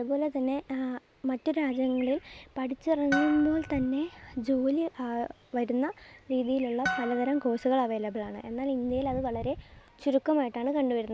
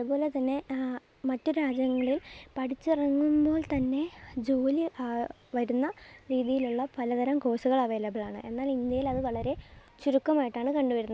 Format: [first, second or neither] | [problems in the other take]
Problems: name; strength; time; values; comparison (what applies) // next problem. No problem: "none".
second | background sound (Harp); 9 dB below the speech